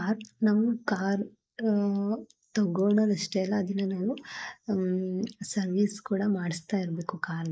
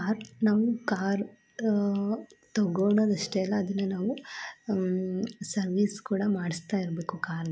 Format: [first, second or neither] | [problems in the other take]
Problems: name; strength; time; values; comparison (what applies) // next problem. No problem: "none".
second | noise reduction (neural mask model Resemble Enhance denoiser)